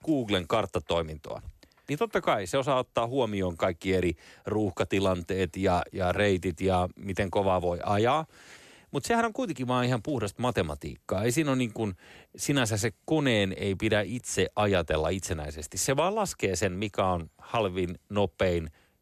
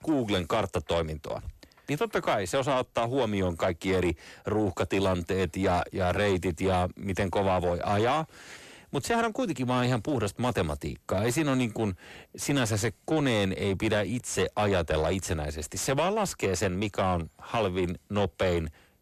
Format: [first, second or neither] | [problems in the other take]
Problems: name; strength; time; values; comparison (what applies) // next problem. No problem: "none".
first | distortion; slight; 10 dB below the speech